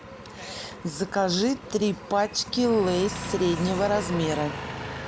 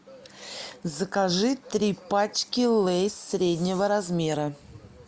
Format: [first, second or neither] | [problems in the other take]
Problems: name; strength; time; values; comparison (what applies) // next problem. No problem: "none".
second | background sound (Engine); 10 dB below the speech